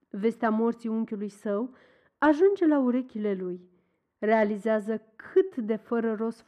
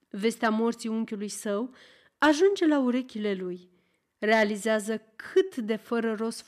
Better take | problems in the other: second | muffled; very; fading above 2.5 kHz

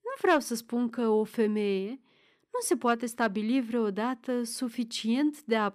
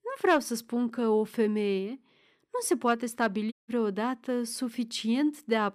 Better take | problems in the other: first | audio cutting out; at 3.5 s

